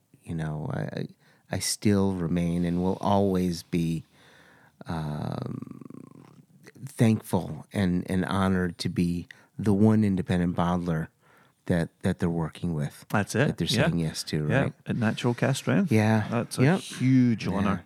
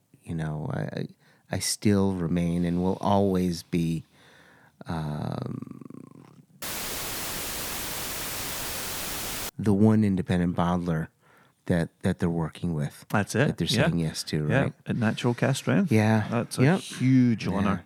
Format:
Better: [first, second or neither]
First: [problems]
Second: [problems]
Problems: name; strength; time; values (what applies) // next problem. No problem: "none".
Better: first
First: none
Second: audio cutting out; filled with static; at 6.5 s for 3 s